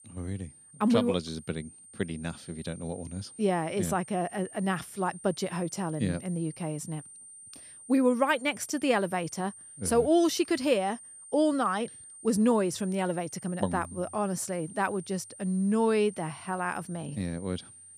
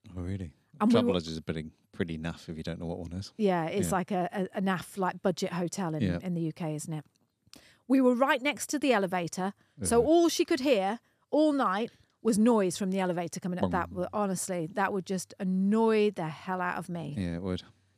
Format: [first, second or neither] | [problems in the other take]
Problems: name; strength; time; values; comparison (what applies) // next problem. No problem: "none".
second | high-pitched whine; noticeable; throughout; 9 kHz, 15 dB below the speech